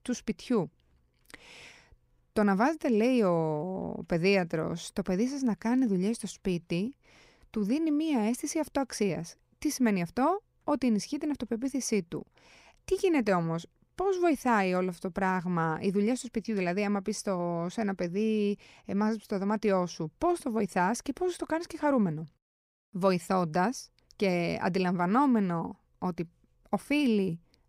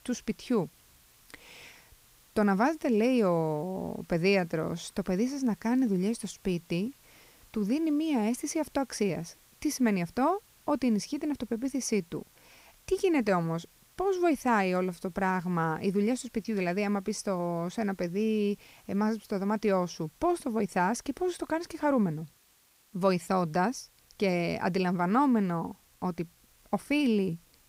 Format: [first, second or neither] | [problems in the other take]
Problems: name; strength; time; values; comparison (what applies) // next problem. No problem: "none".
first | hiss; faint; throughout; 30 dB below the speech